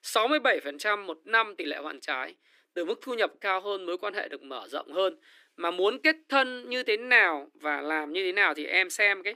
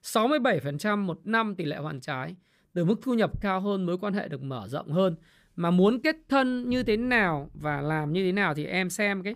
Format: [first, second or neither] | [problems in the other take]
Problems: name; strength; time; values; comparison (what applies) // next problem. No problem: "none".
second | thin; very; fading below 300 Hz